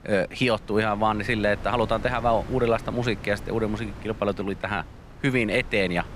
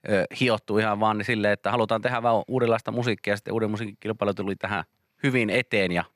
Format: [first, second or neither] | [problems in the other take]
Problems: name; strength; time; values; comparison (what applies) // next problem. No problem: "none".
second | wind noise on the microphone; occasional gusts; 20 dB below the speech